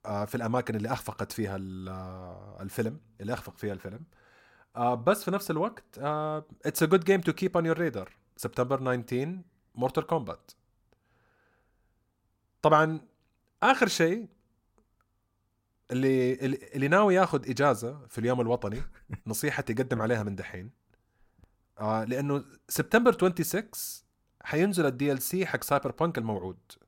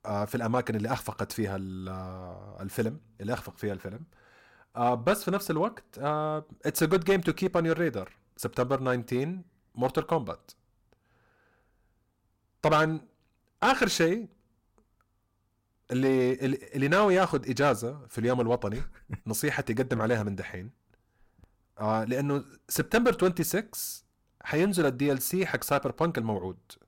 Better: first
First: none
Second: distortion; slight; 3% of the sound clipped

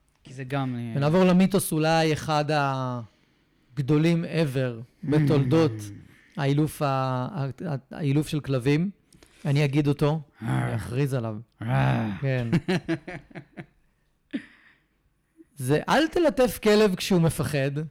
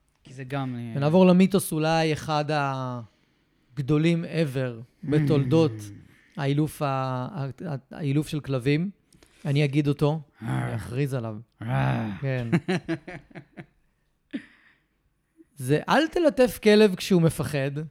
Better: second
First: distortion; slight; 4% of the sound clipped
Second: none

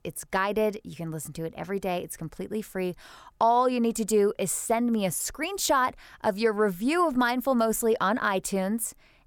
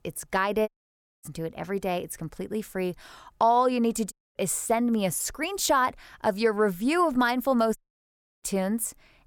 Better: first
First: none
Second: audio cutting out; at 0.5 s for 0.5 s, at 4 s and at 8 s for 0.5 s

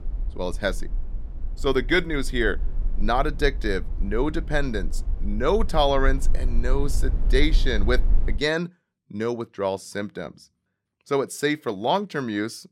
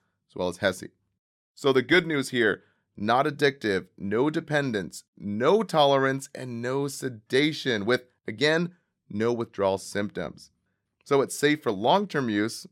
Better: second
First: low rumble; faint; until 8.5 s; 25 dB below the speech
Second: none

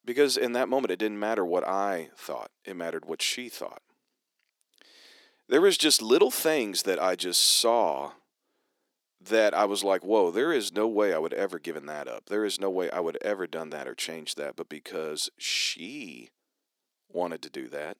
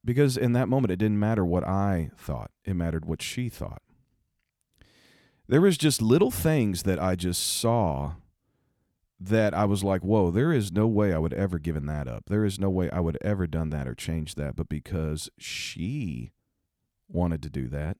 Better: second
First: thin; very; fading below 350 Hz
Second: none

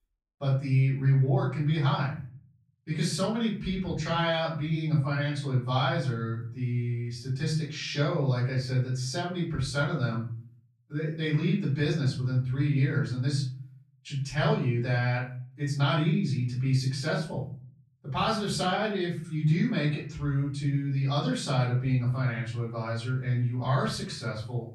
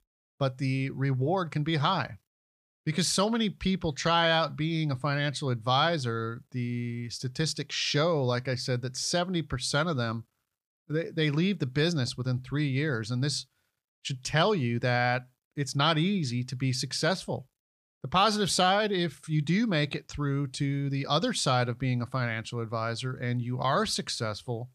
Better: second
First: off-mic speech; far // room echo; noticeable; dies away in 0.6 s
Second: none

